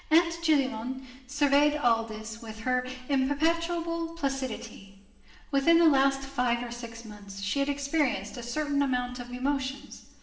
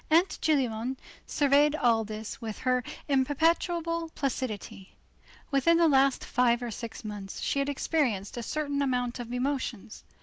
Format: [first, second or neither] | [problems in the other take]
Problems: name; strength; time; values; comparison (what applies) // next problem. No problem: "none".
second | room echo; dies away in 0.9 s